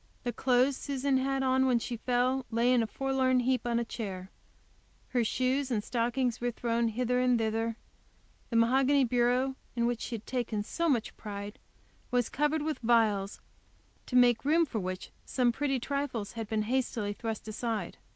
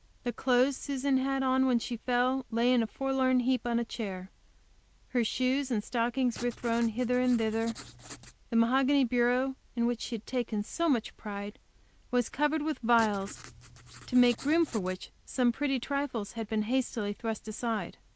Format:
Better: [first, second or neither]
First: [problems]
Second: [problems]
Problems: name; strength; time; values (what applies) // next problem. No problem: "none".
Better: first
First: none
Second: background sound (Writing); 18 dB below the speech